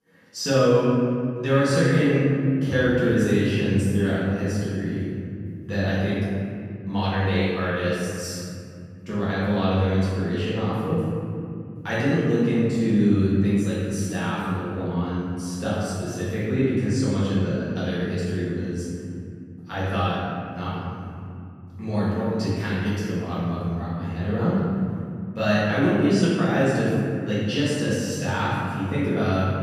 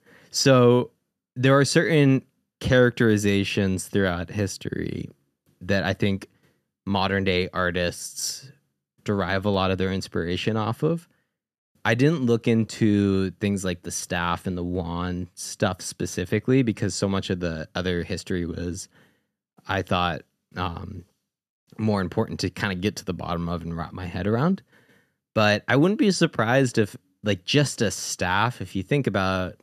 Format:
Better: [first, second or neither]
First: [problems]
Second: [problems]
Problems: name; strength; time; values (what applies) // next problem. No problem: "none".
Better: second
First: room echo; strong; dies away in 3 s // off-mic speech; far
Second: none